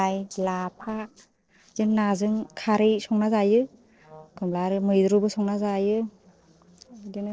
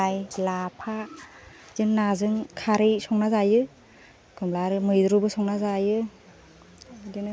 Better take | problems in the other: second | noise reduction (neural separator model SepFormer DNS4)

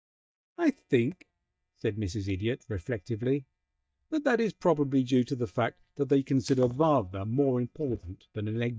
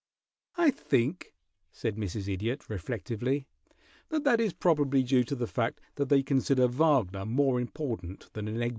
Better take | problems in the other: second | noise reduction (neural mask model DeepFilterNet 3)

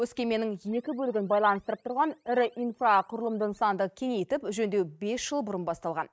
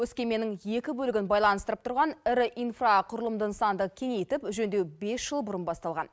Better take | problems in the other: second | noise reduction (neural mask model DeepFilterNet 3)

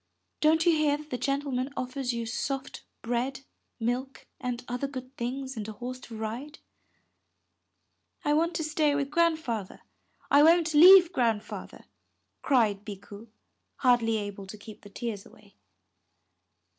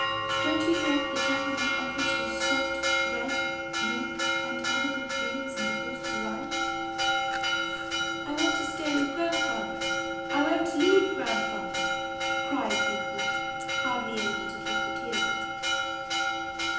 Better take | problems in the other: first | background sound (Church bell); 4 dB above the speech // room echo; dies away in 0.9 s

